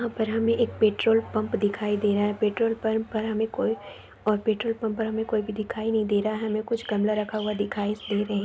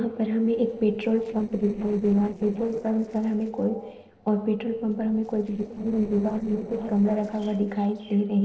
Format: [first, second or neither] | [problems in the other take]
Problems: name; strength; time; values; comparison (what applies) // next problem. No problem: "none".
first | noise reduction (neural separator model SepFormer DNS4)